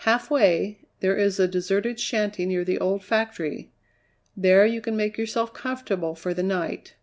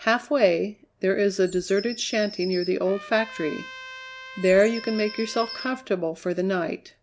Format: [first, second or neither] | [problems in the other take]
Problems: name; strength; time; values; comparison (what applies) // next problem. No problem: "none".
first | background sound (Trumpet + Bird vocalization, bird call, bird song); 16 dB below the speech